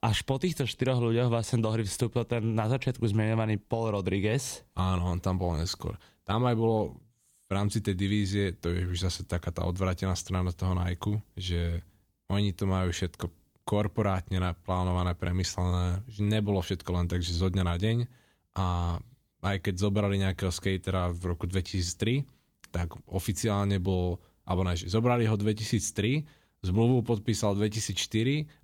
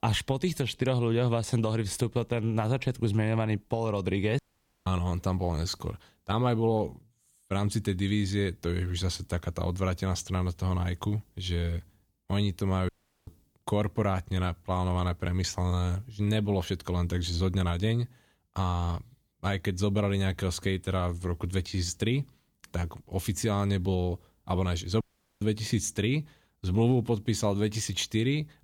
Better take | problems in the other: first | audio cutting out; at 4.5 s, at 13 s and at 25 s

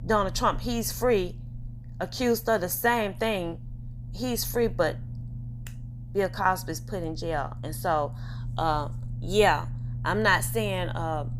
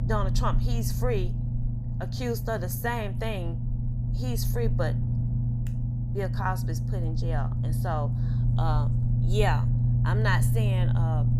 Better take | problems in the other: first | low rumble; loud; throughout; 7 dB below the speech; faint in the first

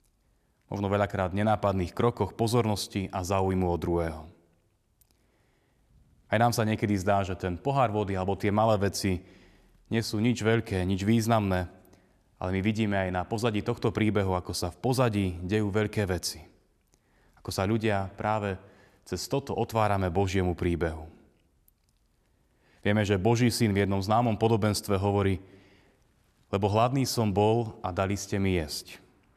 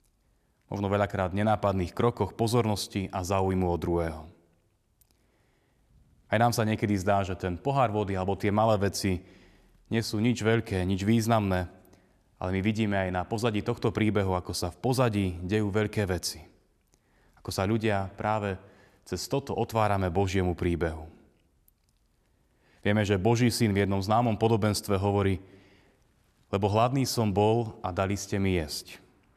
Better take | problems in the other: neither | none

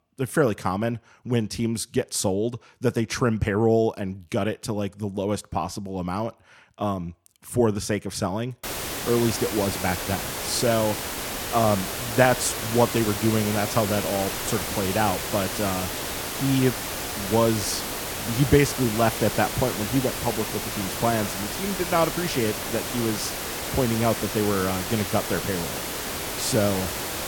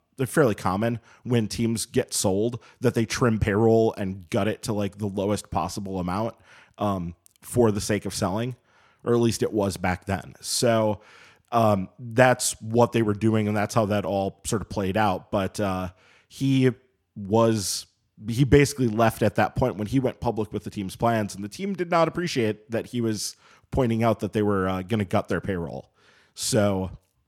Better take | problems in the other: second | hiss; loud; from 8.5 s on; 3 dB below the speech

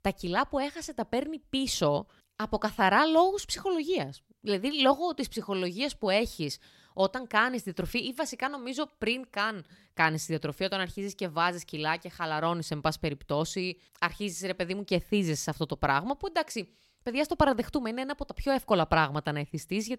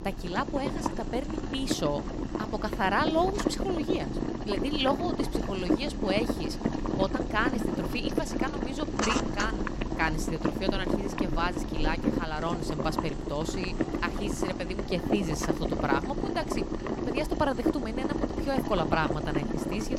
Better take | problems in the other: first | household noises; very loud; throughout; 1 dB above the speech

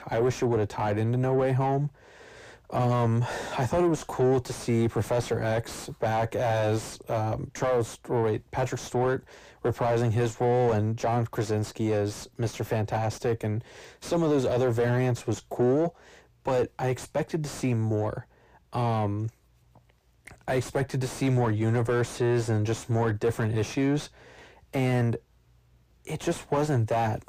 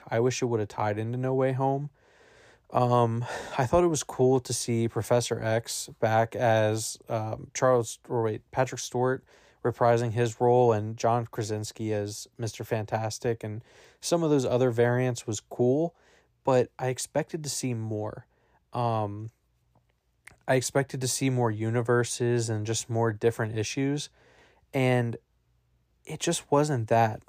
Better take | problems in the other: second | distortion; heavy; 6 dB below the speech

